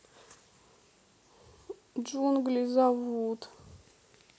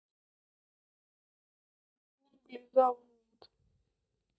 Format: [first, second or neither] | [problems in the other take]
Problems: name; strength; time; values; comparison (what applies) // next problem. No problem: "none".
first | noise reduction (neural mask model DeepFilterNet 3)